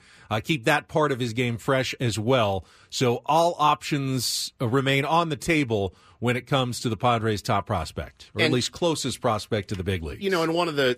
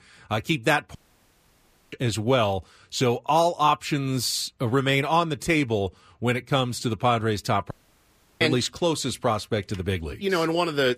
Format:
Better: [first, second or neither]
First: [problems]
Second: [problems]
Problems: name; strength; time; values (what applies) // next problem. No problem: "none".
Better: first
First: none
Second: audio cutting out; at 1 s for 1 s and at 7.5 s for 0.5 s